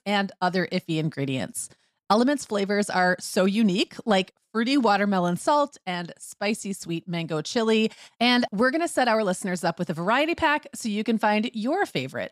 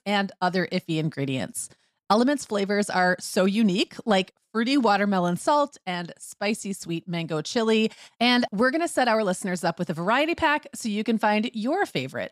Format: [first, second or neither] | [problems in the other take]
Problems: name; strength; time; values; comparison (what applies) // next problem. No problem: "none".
neither | none